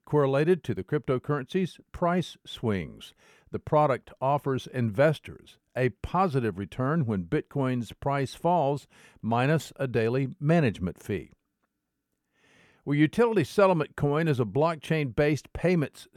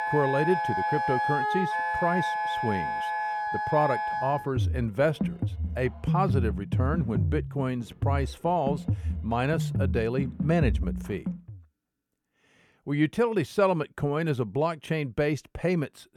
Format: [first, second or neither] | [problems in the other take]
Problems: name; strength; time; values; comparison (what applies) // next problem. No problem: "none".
first | background music; loud; until 11 s; 1 dB below the speech